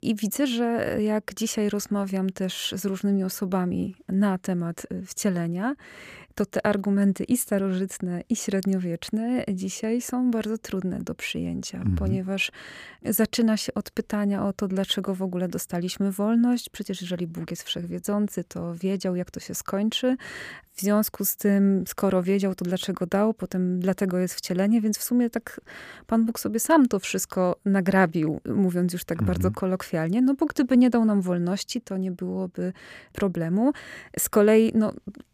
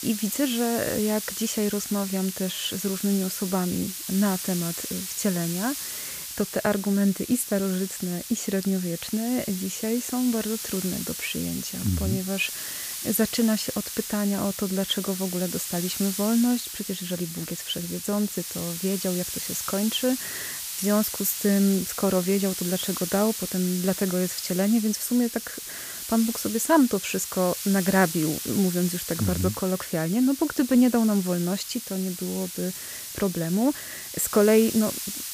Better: first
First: none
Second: hiss; loud; throughout; 6 dB below the speech

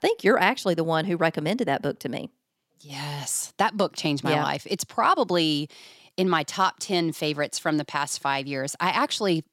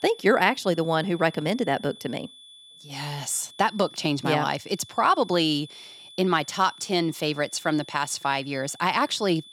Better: first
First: none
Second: high-pitched whine; noticeable; throughout; 3.5 kHz, 20 dB below the speech

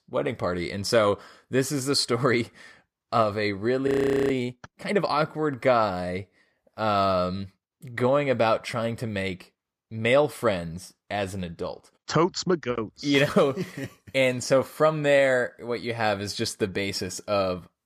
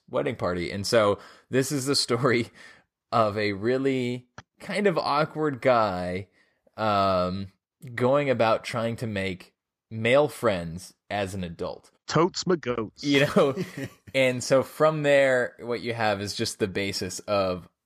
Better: second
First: audio freezing; at 4 s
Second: none

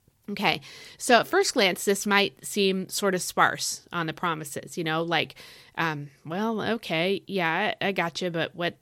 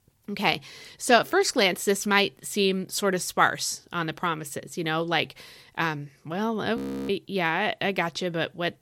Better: first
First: none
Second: audio freezing; at 7 s

